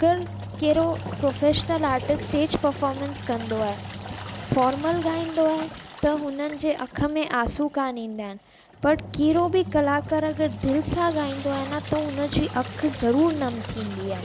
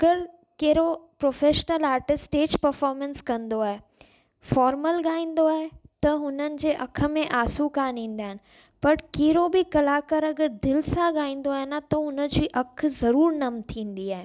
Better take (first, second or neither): second